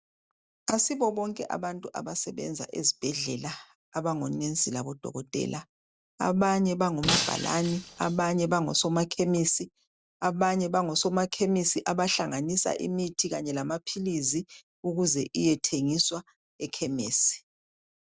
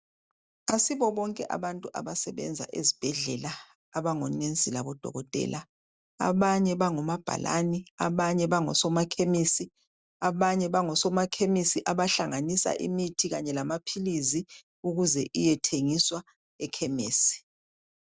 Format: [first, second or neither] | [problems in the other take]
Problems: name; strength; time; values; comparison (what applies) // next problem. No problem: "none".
second | background sound (Shatter); 4 dB below the speech